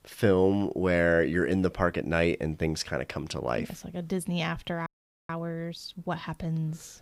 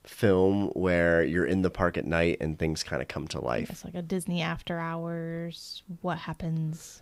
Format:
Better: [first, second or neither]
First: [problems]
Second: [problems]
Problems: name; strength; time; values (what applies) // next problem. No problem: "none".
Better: second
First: audio freezing; at 5 s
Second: none